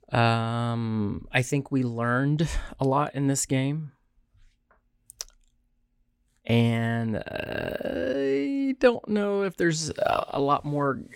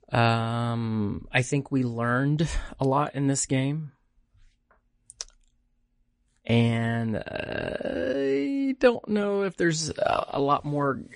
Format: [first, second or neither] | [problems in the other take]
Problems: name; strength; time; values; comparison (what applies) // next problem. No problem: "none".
first | garbled, watery; slightly; nothing above 10.5 kHz